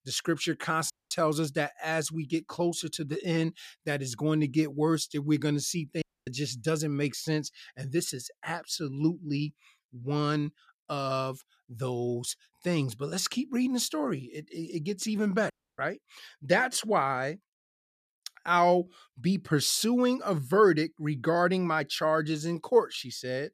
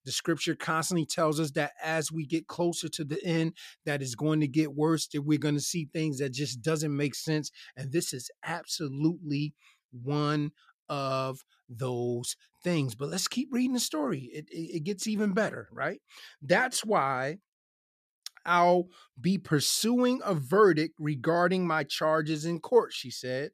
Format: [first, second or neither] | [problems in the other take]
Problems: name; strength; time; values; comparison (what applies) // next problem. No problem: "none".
second | audio cutting out; at 1 s, at 6 s and at 16 s